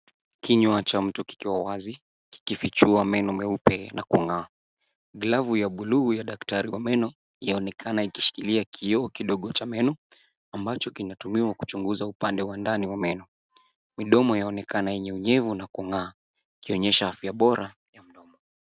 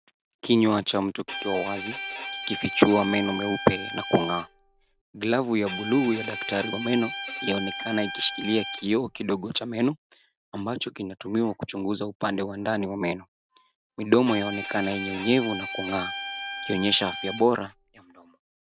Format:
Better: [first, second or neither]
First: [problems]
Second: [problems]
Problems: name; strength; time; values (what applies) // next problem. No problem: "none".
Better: first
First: none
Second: background sound (Bowed string instrument); 8 dB below the speech